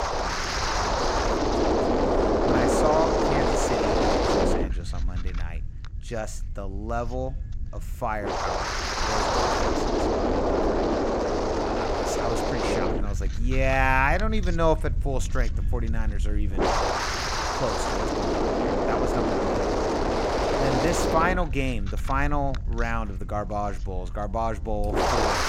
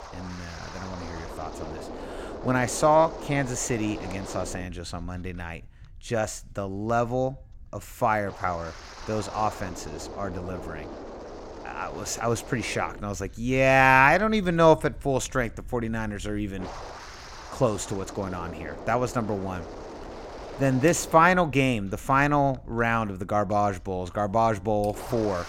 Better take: second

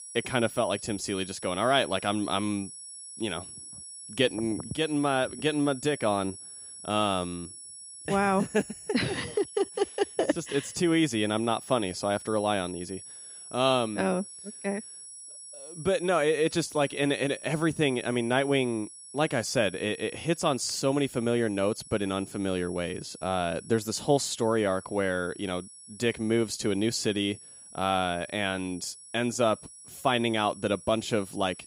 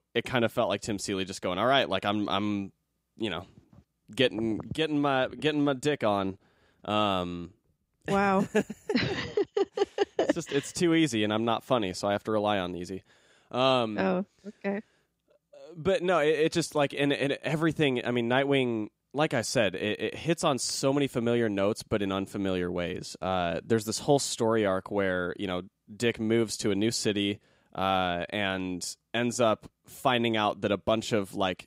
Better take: second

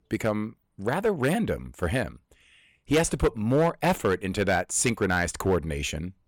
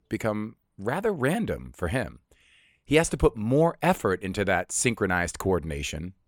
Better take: second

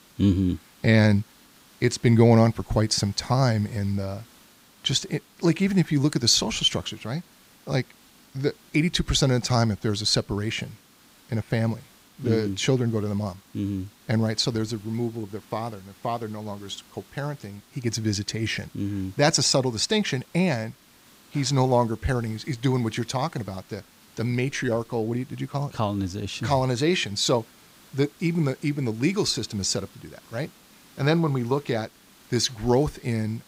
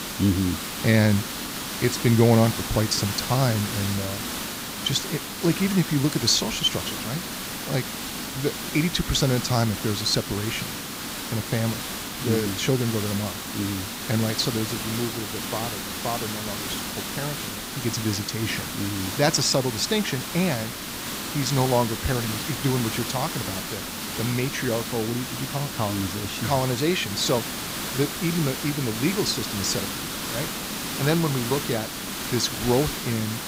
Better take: first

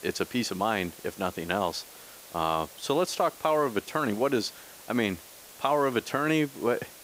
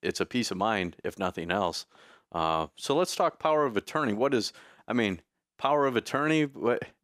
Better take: second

